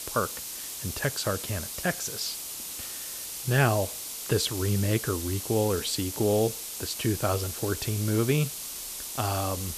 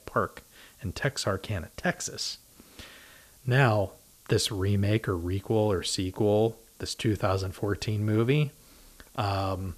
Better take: second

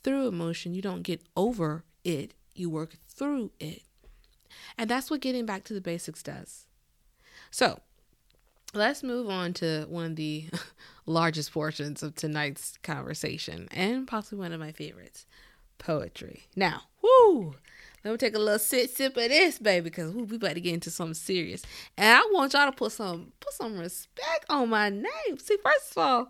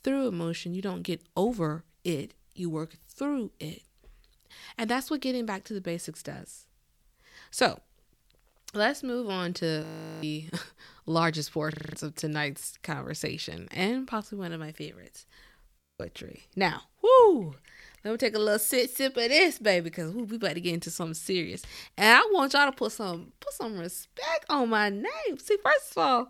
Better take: first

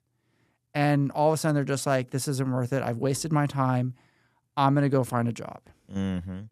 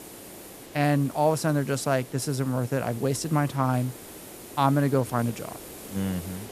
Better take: first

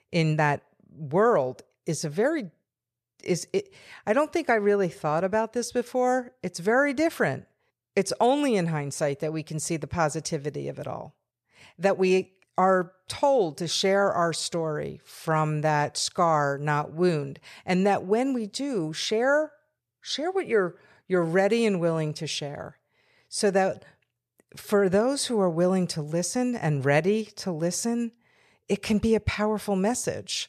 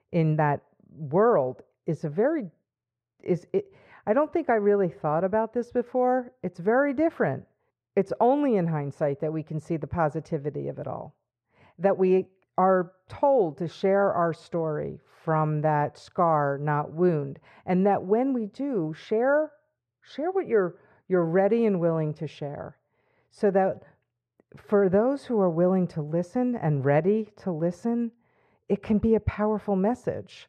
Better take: first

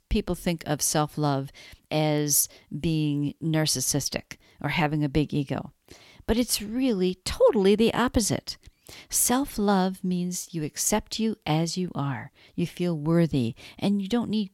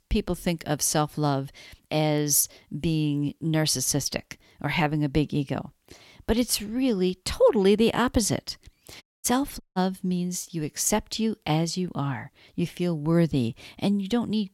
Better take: first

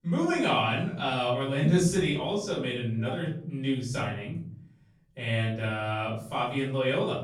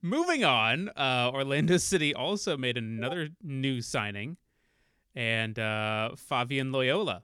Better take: second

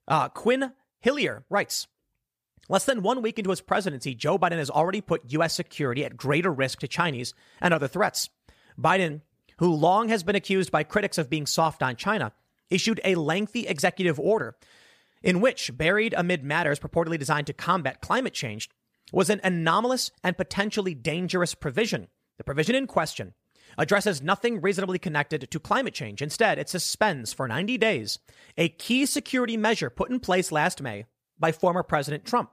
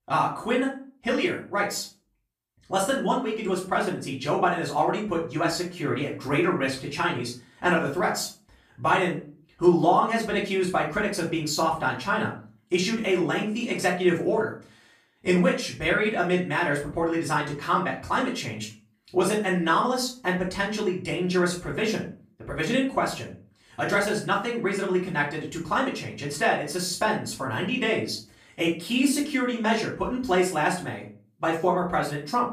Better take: first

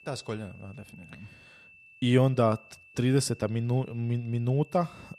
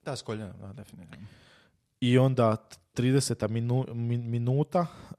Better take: second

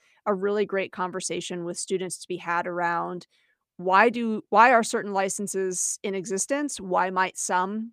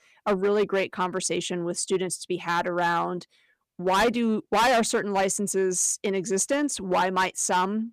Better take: first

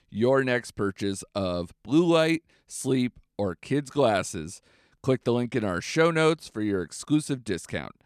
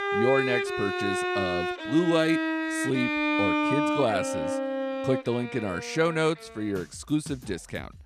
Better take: first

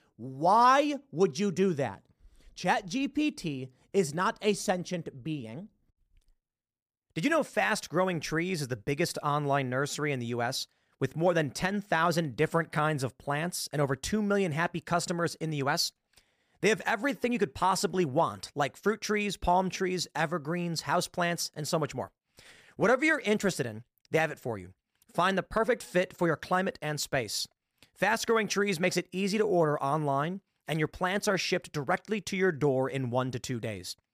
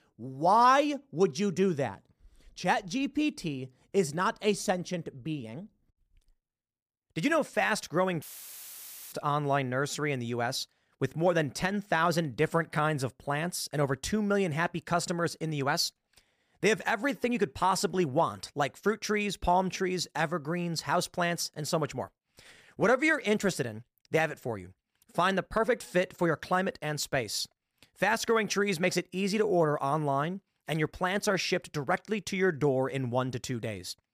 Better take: first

